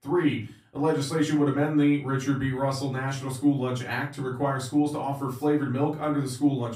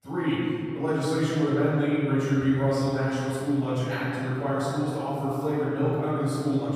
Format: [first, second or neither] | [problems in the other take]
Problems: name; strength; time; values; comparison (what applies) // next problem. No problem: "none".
first | room echo; strong; dies away in 2.2 s; slight in the first // off-mic speech; far; far in the first